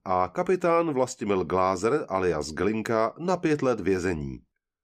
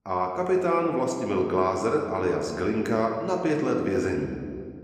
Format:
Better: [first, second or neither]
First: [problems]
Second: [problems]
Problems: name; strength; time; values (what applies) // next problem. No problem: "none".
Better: first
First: none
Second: room echo; slight; dies away in 1.6 s